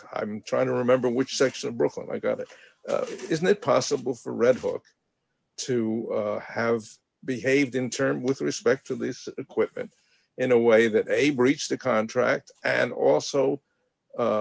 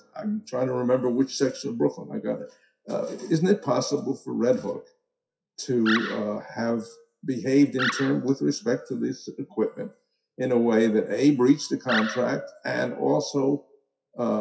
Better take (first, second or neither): first